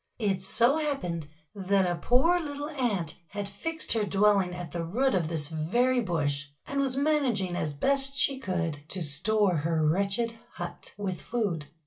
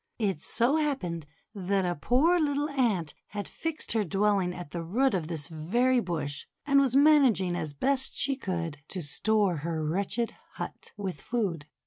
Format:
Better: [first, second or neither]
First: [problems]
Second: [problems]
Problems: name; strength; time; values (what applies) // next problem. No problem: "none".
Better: second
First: room echo; dies away in 0.2 s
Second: none